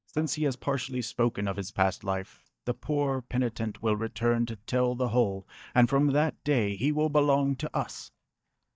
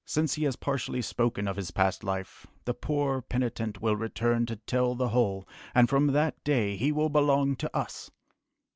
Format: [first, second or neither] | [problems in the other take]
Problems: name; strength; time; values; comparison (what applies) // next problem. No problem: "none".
second | noise reduction (neural mask model DeepFilterNet 3)